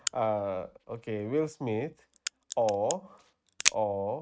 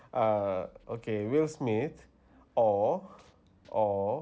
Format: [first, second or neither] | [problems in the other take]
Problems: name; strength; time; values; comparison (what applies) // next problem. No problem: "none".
second | noise reduction (neural mask model RNNoise)